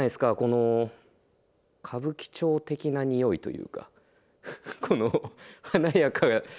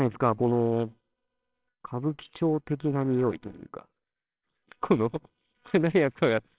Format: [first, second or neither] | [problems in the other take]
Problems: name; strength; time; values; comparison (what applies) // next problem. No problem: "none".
first | noise reduction (neural separator model SepFormer WHAMR!)